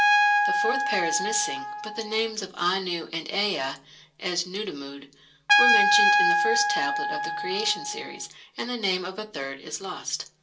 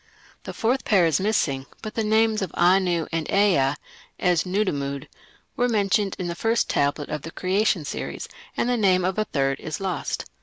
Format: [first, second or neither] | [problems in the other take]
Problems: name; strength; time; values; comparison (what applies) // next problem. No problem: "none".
second | background sound (Trumpet); 4 dB above the speech // room echo; dies away in 0.2 s